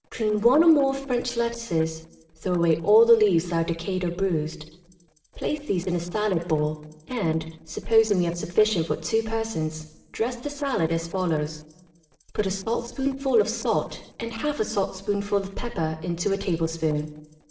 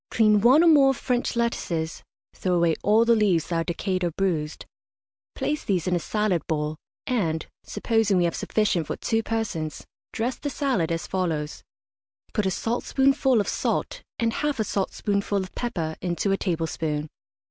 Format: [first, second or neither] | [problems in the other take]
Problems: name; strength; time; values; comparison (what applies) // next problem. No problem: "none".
second | noise reduction (neural separator model SepFormer DNS4)